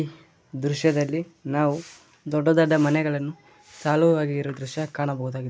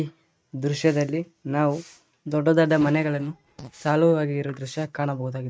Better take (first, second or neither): first